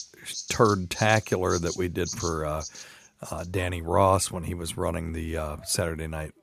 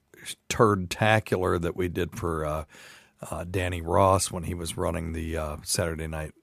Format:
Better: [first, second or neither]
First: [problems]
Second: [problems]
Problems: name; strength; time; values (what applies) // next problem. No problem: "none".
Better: second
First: animal sounds; noticeable; throughout; 10 dB below the speech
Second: none